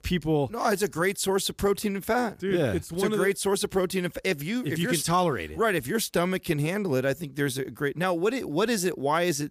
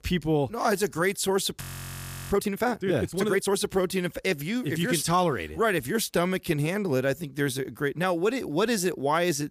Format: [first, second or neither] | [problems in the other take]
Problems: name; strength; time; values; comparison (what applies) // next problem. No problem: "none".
first | audio freezing; at 1.5 s for 0.5 s